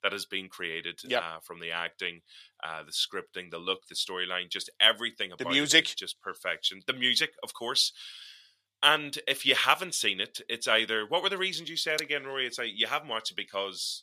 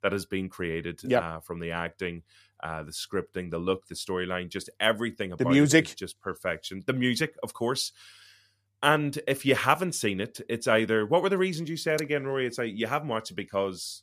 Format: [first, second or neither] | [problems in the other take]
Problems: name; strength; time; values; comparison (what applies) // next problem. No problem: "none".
second | thin; somewhat; fading below 900 Hz